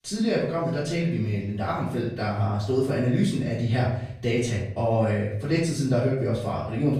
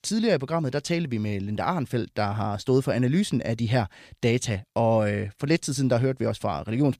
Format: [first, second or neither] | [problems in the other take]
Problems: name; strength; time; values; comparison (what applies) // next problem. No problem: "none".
second | off-mic speech; far // room echo; noticeable; dies away in 0.7 s